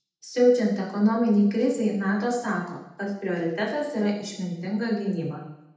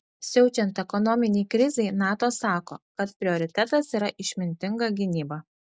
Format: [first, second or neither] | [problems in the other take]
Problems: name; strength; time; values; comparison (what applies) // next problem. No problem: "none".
second | room echo; dies away in 0.8 s